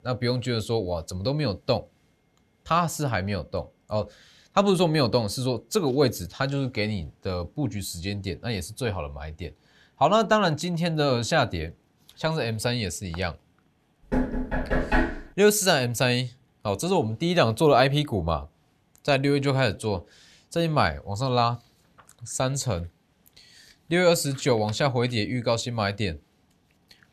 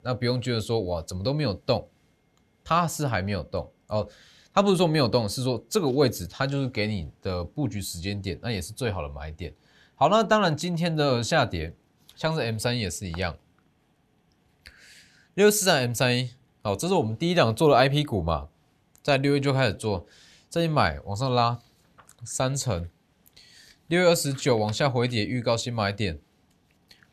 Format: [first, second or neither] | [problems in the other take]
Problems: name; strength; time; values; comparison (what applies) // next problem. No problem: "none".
second | door banging; loud; from 14 to 15 s; peak 1 dB above the speech